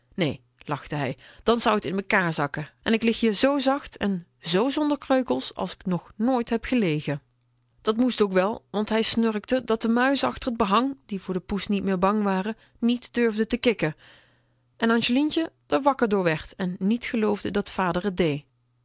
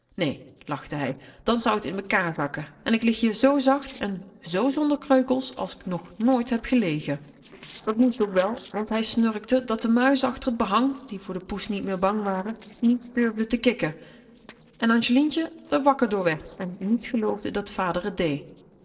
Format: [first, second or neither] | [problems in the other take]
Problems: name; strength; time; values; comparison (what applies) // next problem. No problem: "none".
first | noise reduction (neural separator model SepFormer DNS4)